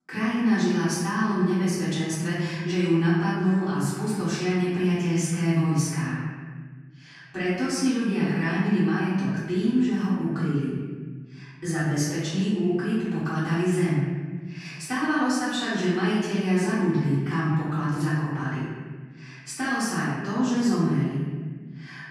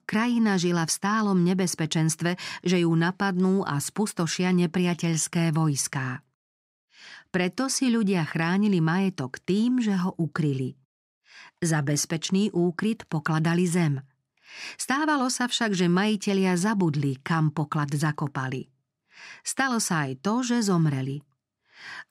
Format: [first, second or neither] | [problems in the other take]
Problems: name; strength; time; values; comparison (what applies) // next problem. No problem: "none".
second | off-mic speech; far // room echo; strong; dies away in 1.6 s